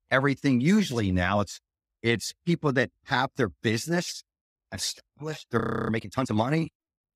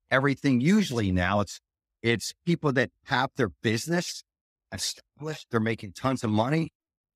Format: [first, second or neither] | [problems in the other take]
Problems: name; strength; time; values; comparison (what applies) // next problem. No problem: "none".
second | audio freezing; at 5.5 s